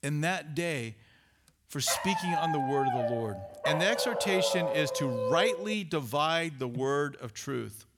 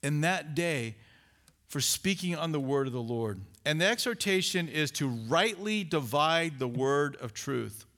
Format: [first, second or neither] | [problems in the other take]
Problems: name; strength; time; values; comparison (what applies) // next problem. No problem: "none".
second | dog barking; loud; from 2 to 5.5 s; peak 2 dB above the speech